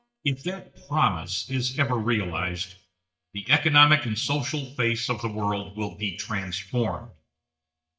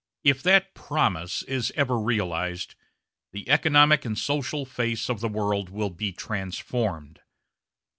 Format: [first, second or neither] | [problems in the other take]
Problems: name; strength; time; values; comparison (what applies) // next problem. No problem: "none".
second | noise reduction (neural mask model DeepFilterNet 3)